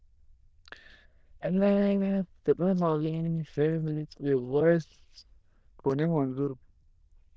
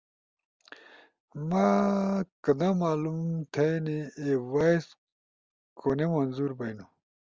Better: second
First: noise reduction (neural diffusion model UNIVERSE++)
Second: none

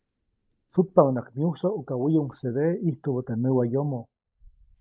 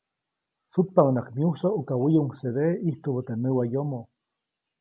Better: second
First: noise reduction (neural mask model DeepFilterNet 3)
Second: none

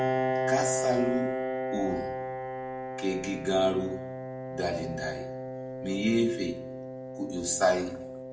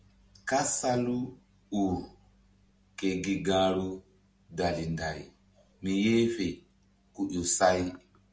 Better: second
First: background sound (Piano); 2 dB below the speech // room echo; dies away in 0.6 s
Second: none

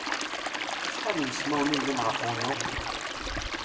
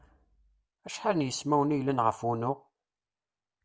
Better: second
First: background sound (Stream); 1 dB above the speech // room echo; dies away in 1.8 s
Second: none

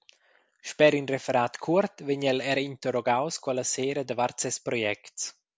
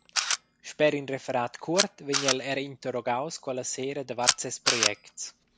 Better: first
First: none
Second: background sound (Camera); 1 dB below the speech

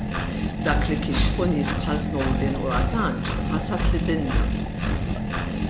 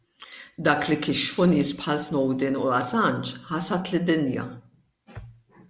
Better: second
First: background sound (Engine); 5 dB above the speech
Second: none

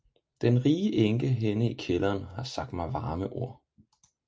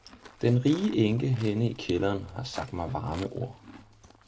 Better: first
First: none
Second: background sound (Livestock, farm animals, working animals); 19 dB below the speech

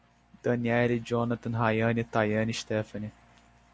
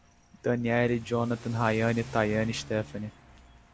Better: first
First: none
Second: background sound (Accelerating, revving, vroom / Car); 18 dB below the speech

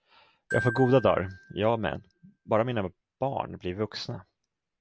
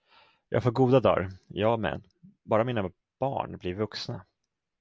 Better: second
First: background sound (Glockenspiel); 12 dB below the speech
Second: none

